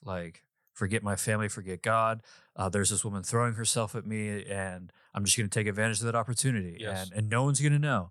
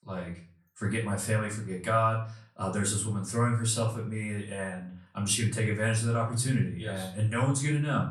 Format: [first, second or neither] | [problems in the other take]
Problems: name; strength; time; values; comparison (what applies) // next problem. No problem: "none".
first | off-mic speech; far // room echo; slight; dies away in 0.4 s